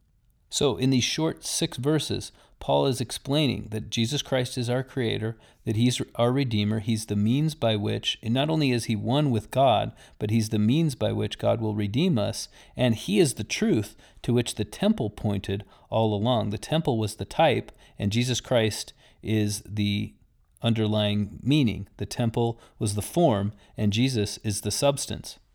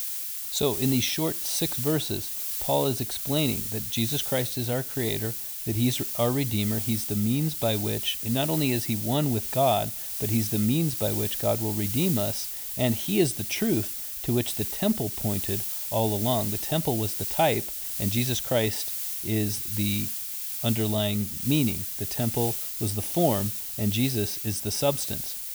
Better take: first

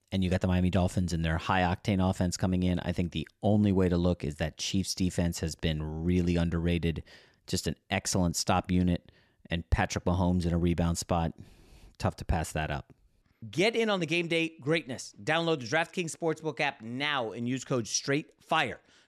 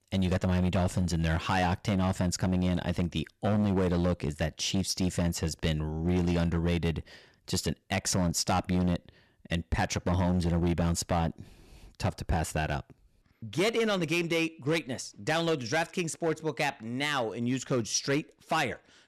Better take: first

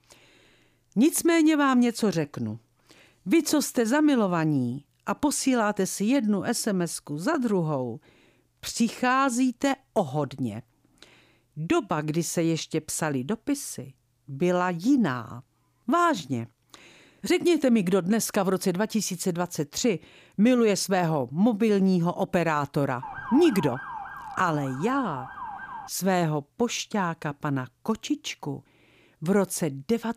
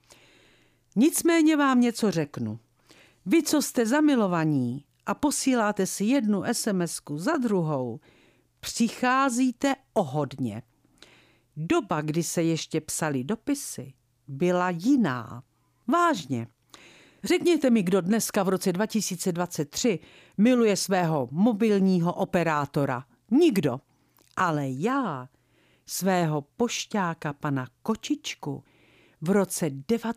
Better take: second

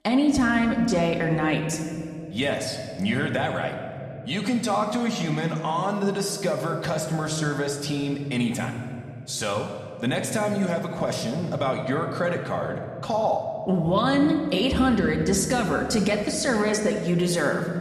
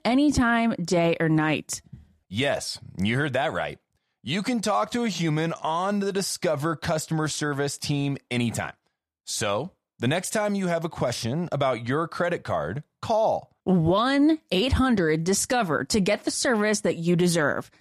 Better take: second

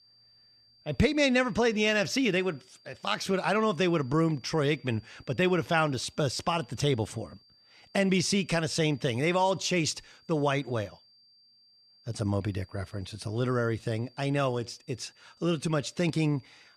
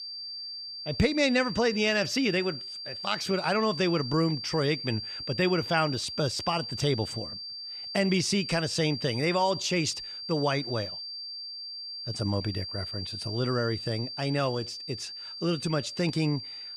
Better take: first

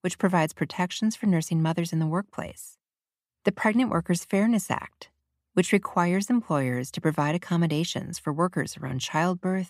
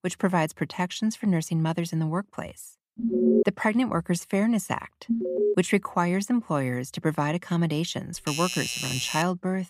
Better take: first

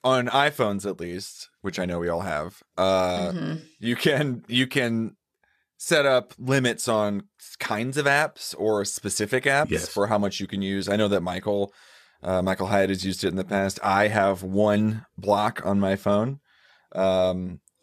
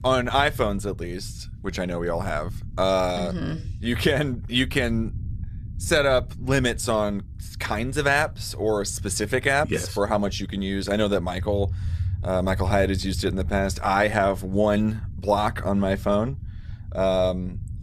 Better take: first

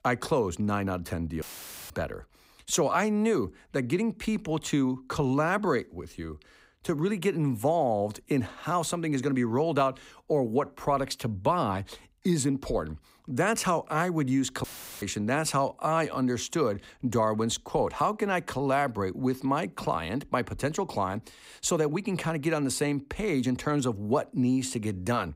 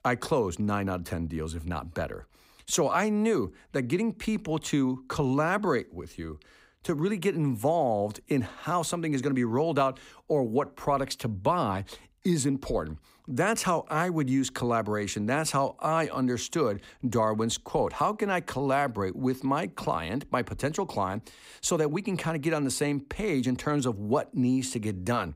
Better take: second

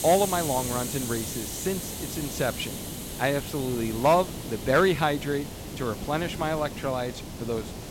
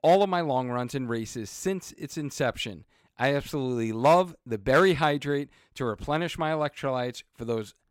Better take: second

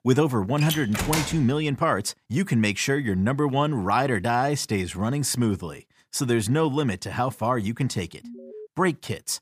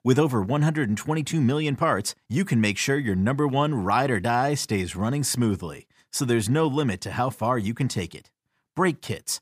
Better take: second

